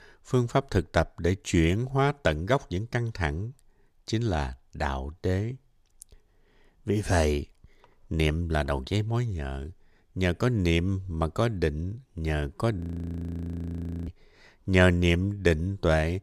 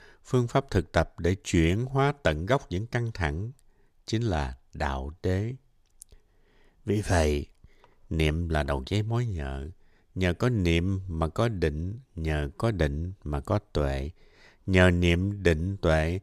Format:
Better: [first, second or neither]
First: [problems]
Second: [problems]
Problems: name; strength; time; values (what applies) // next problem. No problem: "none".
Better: second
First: audio freezing; at 13 s for 1.5 s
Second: none